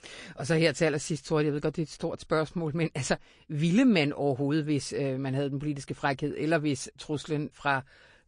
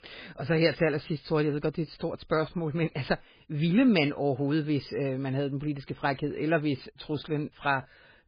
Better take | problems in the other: first | garbled, watery; badly; nothing above 4 kHz; slightly in the first

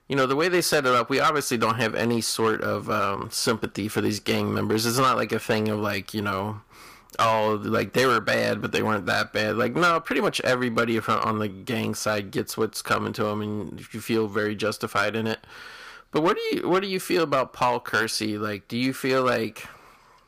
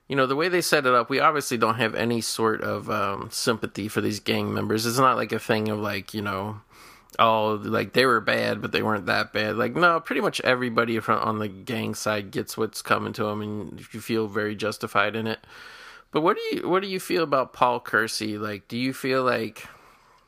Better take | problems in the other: second | distortion; slight; 4% of the sound clipped

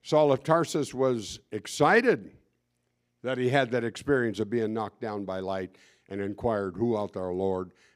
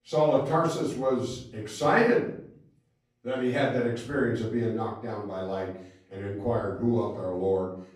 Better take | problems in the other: first | off-mic speech; far // room echo; noticeable; dies away in 0.6 s

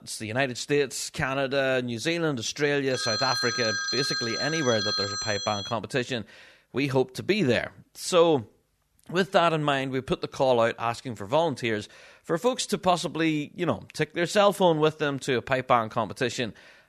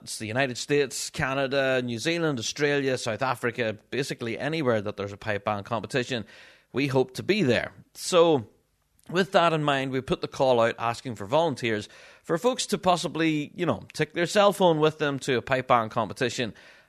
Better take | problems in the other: second | phone ringing; loud; from 3 to 5.5 s; peak 1 dB above the speech

